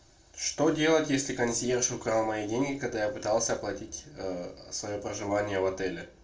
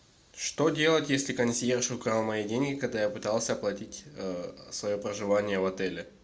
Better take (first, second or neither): second